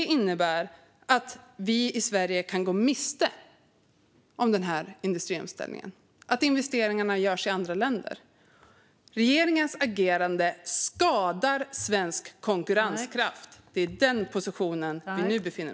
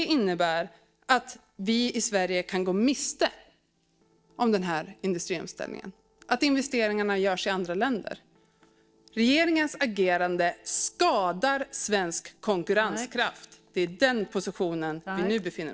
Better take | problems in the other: first | noise reduction (neural separator model SepFormer DNS4)

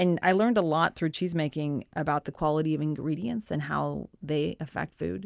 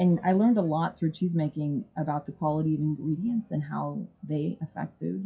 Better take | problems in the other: first | noise reduction (classical method WPE with log-MMSE)

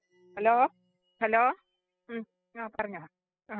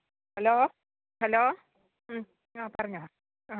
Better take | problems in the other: second | noise reduction (classical method spectral subtraction)

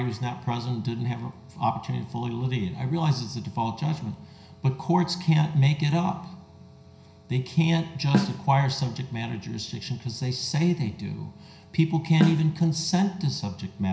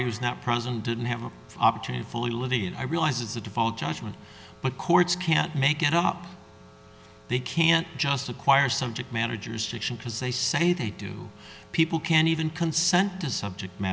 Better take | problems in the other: second | background sound (Snare drum); as loud as the speech // room echo; dies away in 0.5 s

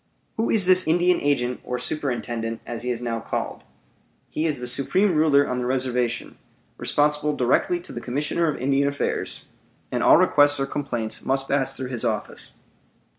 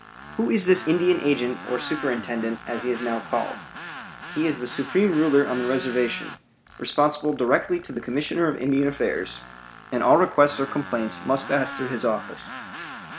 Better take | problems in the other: first | background sound (Tools); 14 dB below the speech

